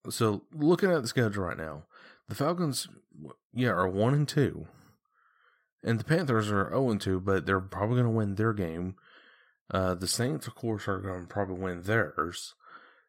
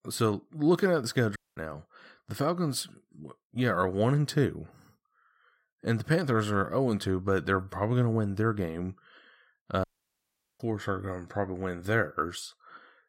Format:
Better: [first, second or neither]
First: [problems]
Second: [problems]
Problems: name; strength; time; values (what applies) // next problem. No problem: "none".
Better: first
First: none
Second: audio cutting out; at 1.5 s and at 10 s for 1 s